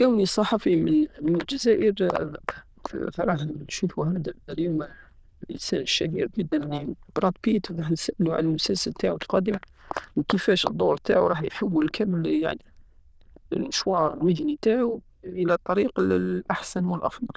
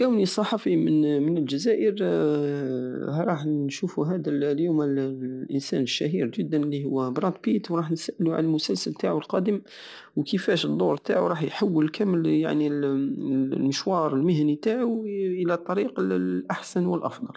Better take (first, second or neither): second